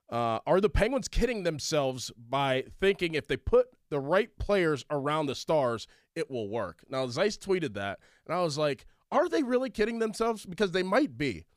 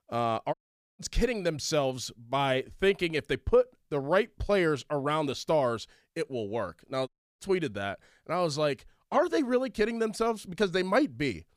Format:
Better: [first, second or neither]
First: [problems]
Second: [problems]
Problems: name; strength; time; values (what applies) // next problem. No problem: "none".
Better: first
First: none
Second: audio cutting out; at 0.5 s and at 7 s